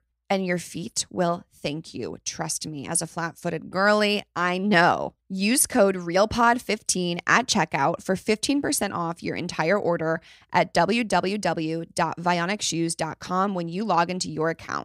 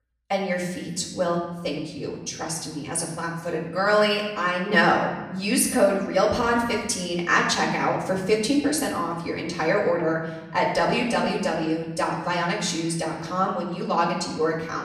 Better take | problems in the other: first | off-mic speech; far // room echo; noticeable; dies away in 1.1 s

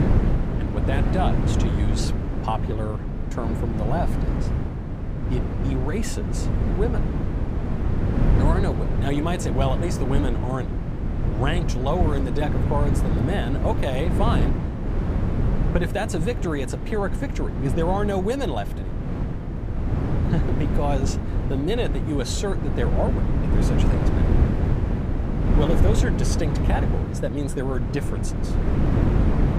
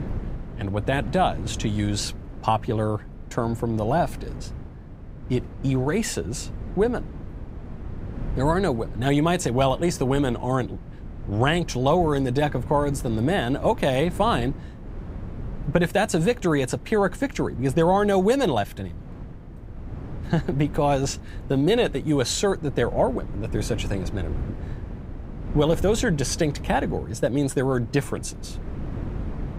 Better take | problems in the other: second | wind noise on the microphone; heavy; 3 dB below the speech; occasional gusts in the second

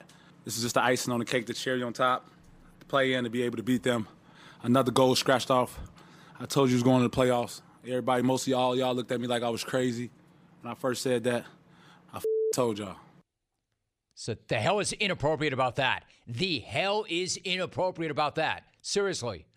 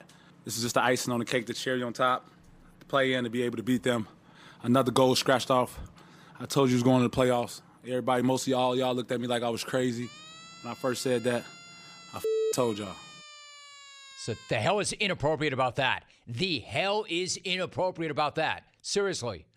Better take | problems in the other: first | siren; faint; from 10 to 15 s; peak 15 dB below the speech

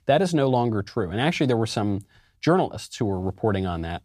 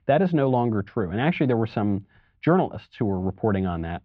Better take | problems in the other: first | muffled; very; fading above 3 kHz

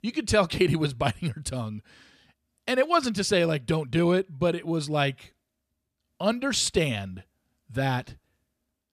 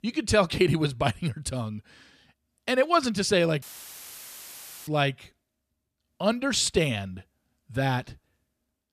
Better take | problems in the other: first | audio cutting out; filled with static; at 3.5 s for 1.5 s

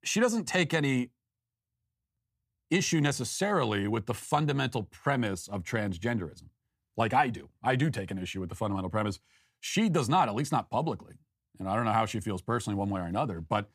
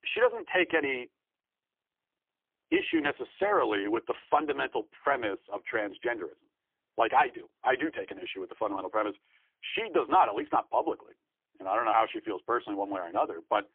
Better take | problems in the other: first | phone-call audio; poor line; nothing above 3 kHz

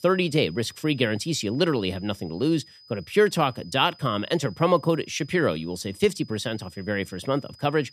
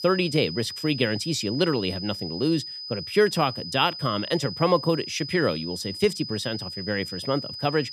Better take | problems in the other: first | high-pitched whine; loud; throughout; 5 kHz, 8 dB below the speech; faint in the first

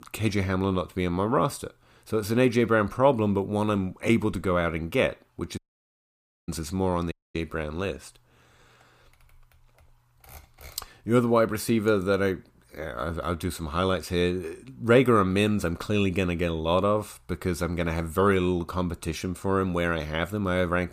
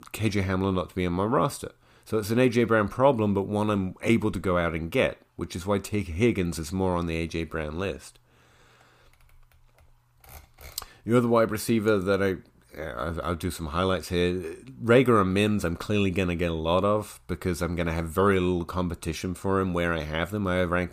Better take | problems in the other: second | audio cutting out; at 5.5 s for 1 s and at 7 s

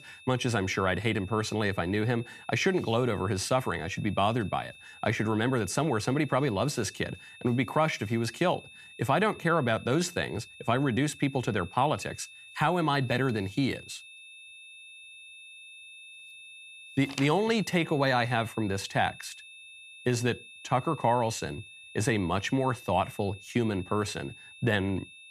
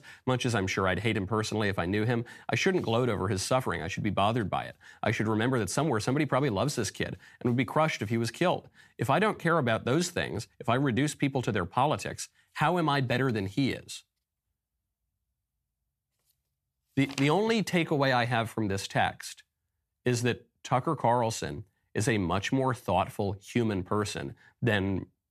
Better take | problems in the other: second | high-pitched whine; noticeable; throughout; 2.5 kHz, 20 dB below the speech

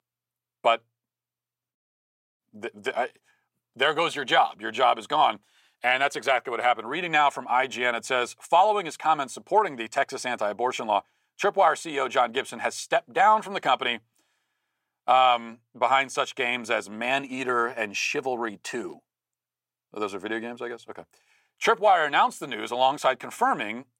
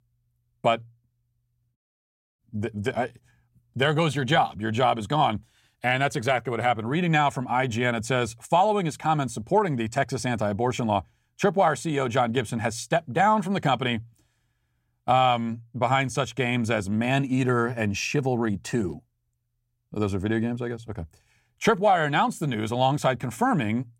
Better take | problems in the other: second | thin; very; fading below 450 Hz

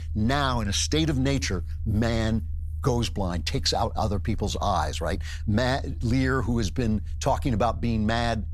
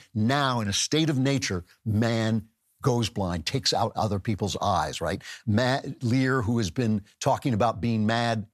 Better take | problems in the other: second | low rumble; faint; throughout; 25 dB below the speech

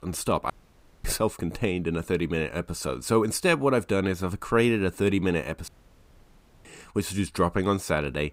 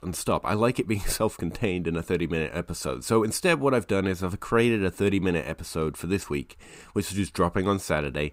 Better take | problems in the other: second | audio cutting out; at 0.5 s for 0.5 s and at 5.5 s for 1 s

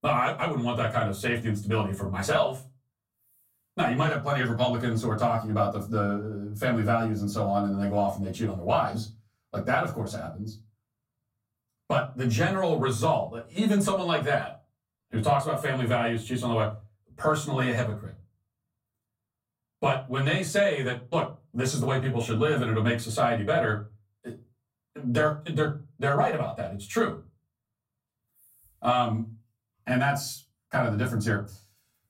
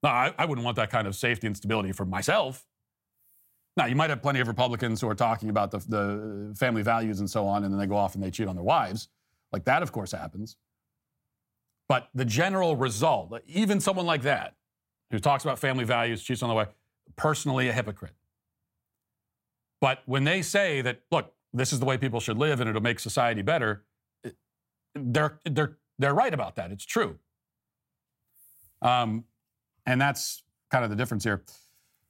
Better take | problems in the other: second | off-mic speech; far // room echo; very slight; dies away in 0.2 s

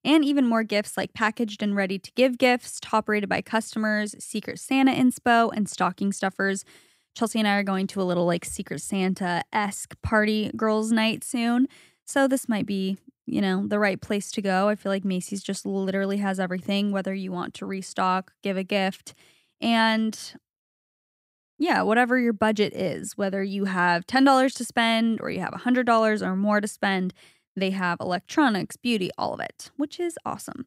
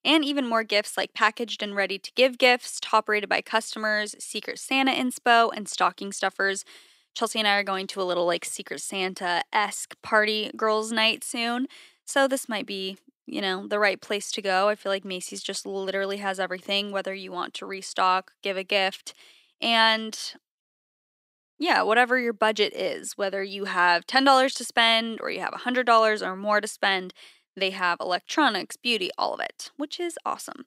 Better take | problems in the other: first | thin; somewhat; fading below 400 Hz

